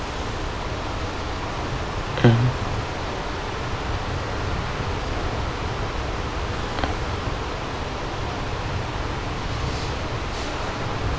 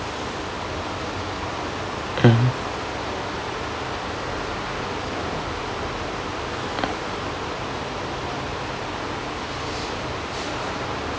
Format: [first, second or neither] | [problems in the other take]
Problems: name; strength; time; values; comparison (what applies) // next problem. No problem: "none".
second | background sound (Wind); 2 dB below the speech